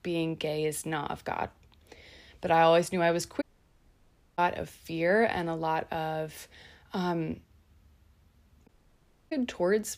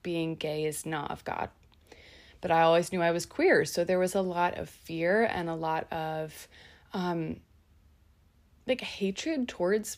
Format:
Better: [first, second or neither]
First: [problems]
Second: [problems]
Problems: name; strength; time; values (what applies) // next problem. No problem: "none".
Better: second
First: audio cutting out; at 3.5 s for 1 s and at 8.5 s for 0.5 s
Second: none